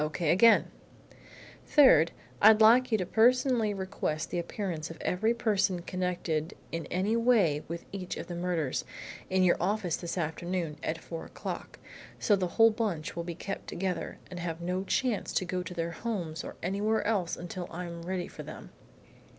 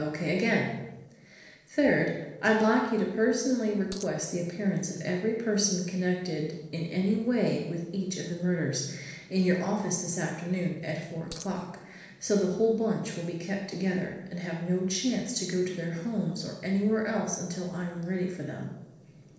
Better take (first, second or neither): first